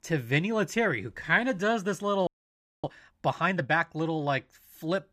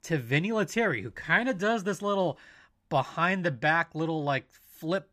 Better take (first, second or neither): second